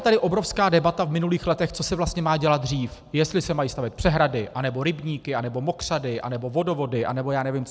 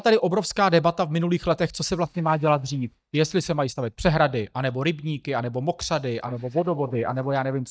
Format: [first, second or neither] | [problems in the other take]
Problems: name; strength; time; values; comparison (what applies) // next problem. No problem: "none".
first | noise reduction (neural mask model DeepFilterNet 3)